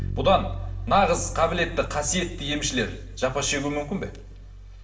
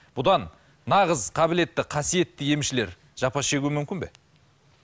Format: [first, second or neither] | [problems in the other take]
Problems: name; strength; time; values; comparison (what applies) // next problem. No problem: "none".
second | background sound (Bass guitar); 8 dB below the speech // room echo; dies away in 0.7 s